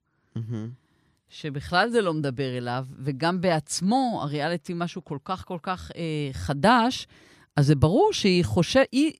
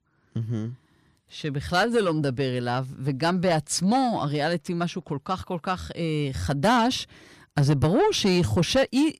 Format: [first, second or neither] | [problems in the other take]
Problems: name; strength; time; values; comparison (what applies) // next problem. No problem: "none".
first | distortion; slight; 10 dB below the speech